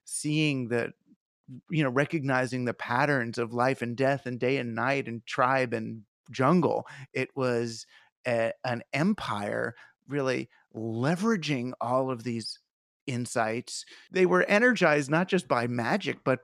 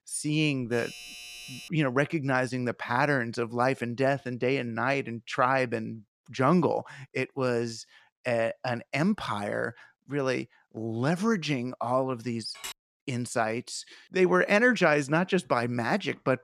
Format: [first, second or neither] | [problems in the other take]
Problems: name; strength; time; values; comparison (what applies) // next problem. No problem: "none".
first | doorbell; faint; from 0.5 to 1.5 s; peak 15 dB below the speech // clattering dishes; faint; at 13 s; peak 10 dB below the speech